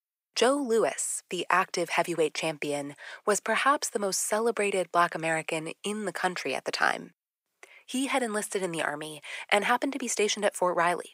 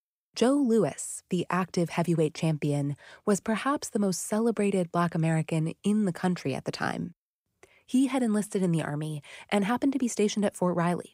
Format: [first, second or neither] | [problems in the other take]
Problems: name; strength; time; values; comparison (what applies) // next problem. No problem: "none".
second | thin; somewhat; fading below 500 Hz